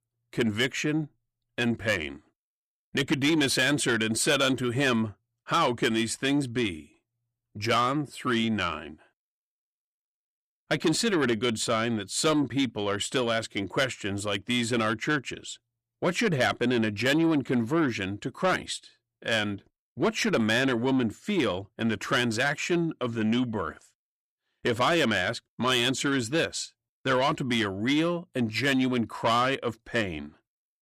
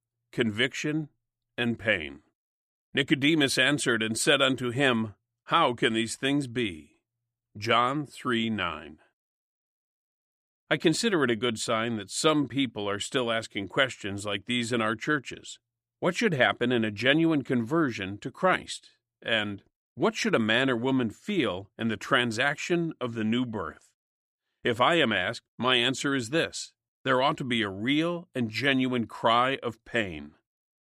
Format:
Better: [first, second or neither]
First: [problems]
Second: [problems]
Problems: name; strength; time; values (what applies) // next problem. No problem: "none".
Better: second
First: distortion; slight; 10 dB below the speech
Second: none